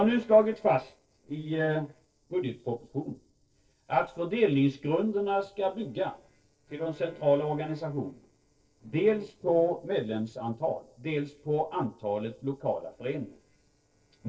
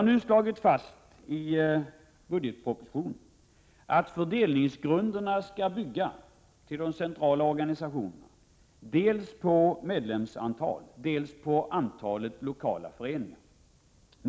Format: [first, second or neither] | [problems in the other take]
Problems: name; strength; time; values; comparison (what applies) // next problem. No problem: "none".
second | noise reduction (neural separator model SepFormer DNS4)